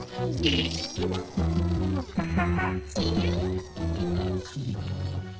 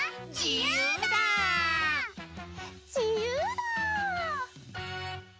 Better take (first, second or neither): second